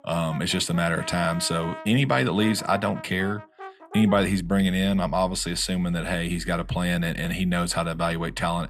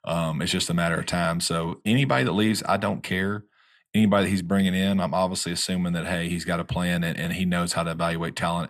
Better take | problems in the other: second | background music; noticeable; throughout; 15 dB below the speech

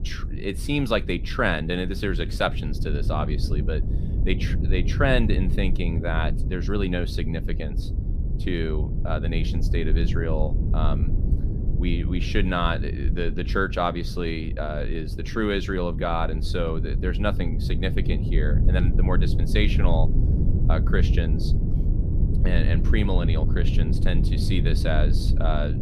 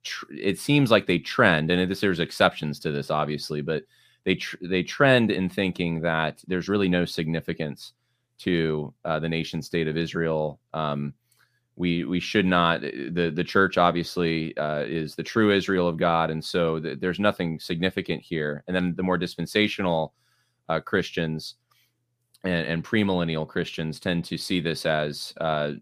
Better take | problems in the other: second | low rumble; loud; throughout; 10 dB below the speech

